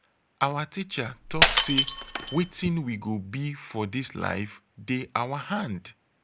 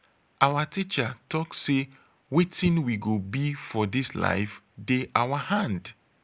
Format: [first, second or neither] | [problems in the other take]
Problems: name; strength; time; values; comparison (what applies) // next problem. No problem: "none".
second | background sound (Shatter); 3 dB above the speech